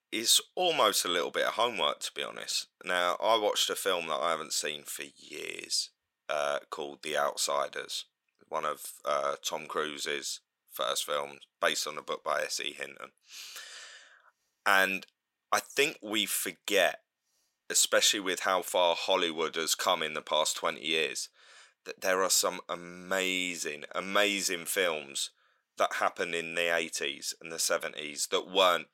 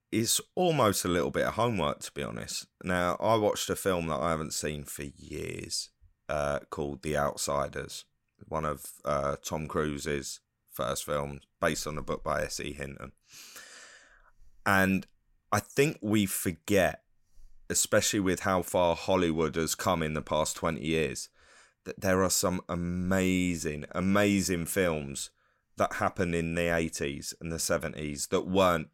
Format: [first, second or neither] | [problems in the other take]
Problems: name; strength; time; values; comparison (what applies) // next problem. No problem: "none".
second | thin; somewhat; fading below 500 Hz